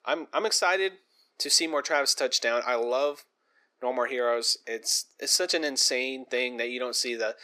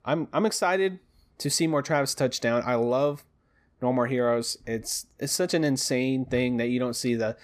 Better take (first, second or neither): second